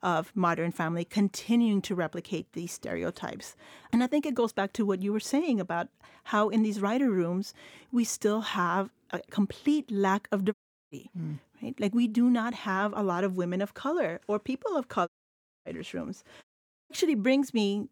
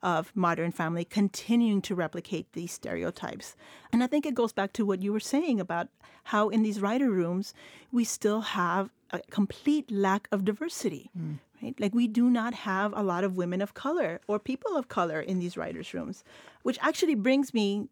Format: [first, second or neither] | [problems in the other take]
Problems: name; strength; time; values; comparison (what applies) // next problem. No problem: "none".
second | audio cutting out; at 11 s, at 15 s for 0.5 s and at 16 s